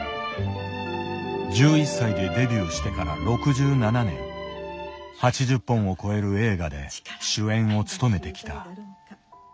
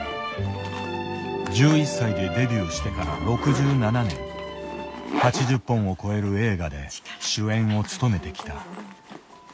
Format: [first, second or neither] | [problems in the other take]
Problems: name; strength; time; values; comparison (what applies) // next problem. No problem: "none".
first | background sound (Zipper (clothing)); 12 dB below the speech